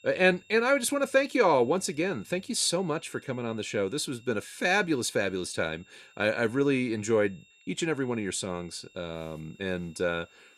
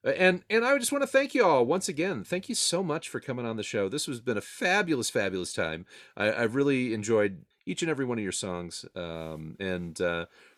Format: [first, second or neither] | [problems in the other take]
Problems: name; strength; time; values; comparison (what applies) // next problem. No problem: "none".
second | high-pitched whine; faint; throughout; 2.5 kHz, 30 dB below the speech